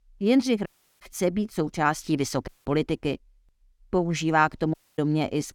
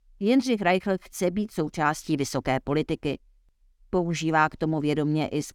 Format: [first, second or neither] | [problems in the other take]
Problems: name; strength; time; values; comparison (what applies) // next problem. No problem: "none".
second | audio cutting out; at 0.5 s, at 2.5 s and at 4.5 s